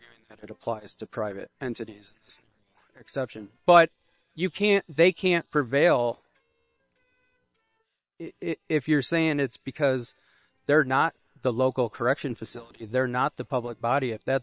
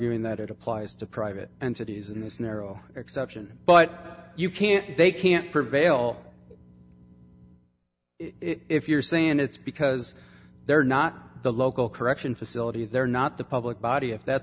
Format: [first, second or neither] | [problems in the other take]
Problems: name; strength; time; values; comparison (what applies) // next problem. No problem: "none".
second | noise reduction (neural separator model SepFormer WHAM!)